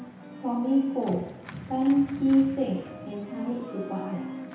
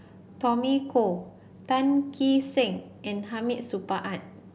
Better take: second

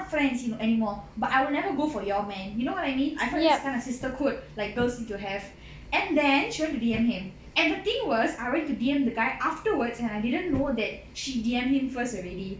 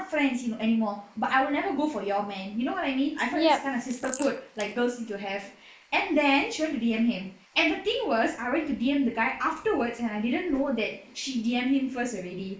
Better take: first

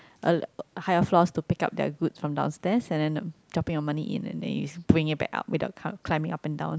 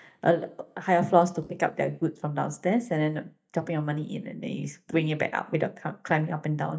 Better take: first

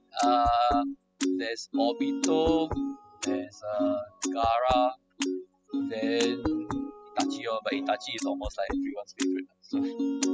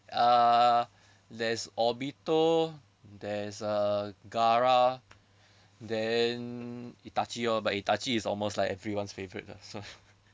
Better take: second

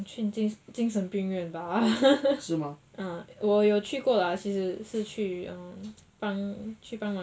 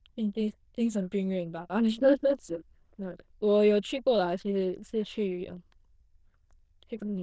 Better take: first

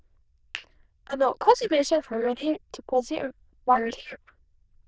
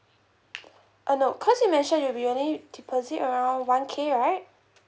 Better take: second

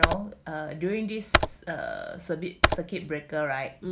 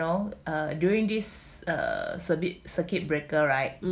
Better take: second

